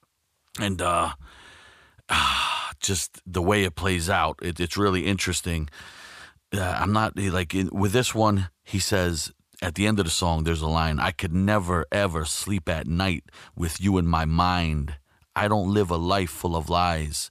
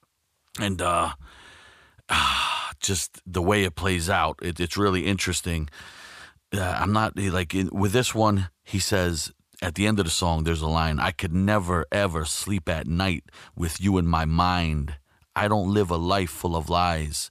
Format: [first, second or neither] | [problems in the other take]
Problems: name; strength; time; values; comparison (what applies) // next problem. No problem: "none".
neither | none